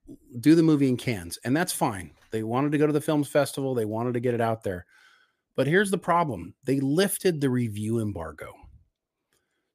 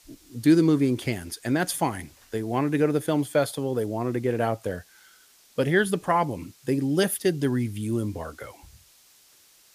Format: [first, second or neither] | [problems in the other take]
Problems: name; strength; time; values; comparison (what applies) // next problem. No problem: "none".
first | hiss; faint; throughout; 30 dB below the speech